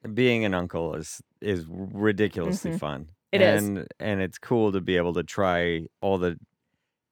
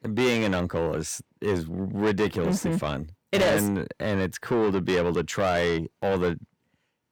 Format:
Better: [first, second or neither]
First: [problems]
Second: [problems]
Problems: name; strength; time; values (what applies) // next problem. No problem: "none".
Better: first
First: none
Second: distortion; heavy; 7 dB below the speech